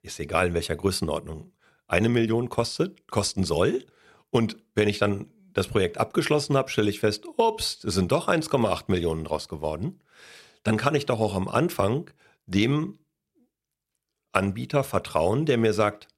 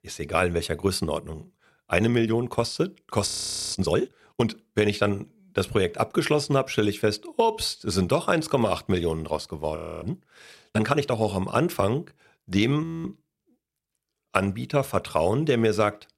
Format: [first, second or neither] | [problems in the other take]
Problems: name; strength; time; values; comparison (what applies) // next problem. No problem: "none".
first | audio freezing; at 3.5 s, at 10 s and at 13 s